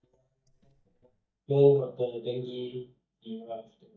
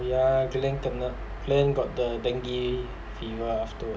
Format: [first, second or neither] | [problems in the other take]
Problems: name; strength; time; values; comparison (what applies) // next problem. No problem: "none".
second | noise reduction (neural mask model DeepFilterNet 3)